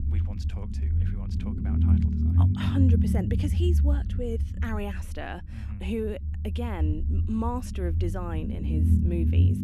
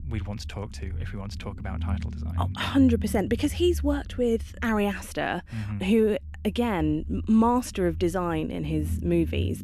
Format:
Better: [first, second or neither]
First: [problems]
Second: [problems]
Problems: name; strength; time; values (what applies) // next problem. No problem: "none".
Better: second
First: low rumble; loud; throughout; 3 dB below the speech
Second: low rumble; faint; throughout; 20 dB below the speech